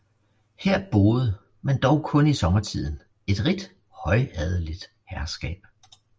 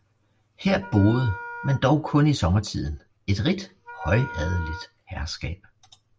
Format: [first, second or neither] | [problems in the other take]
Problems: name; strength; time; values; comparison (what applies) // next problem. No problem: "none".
first | background sound (Wind instrument, woodwind instrument); 16 dB below the speech